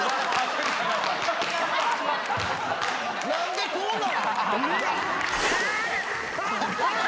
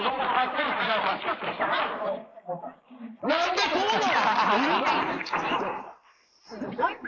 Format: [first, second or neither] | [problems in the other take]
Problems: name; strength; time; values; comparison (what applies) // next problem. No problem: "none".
first | noise reduction (neural mask model Resemble Enhance denoiser)